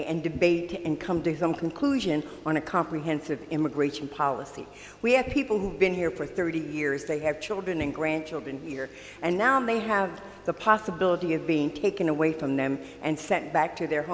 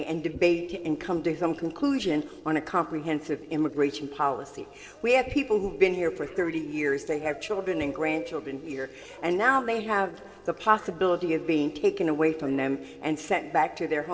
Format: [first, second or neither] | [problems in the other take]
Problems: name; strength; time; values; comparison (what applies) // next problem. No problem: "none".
first | noise reduction (neural separator model SepFormer DNS4)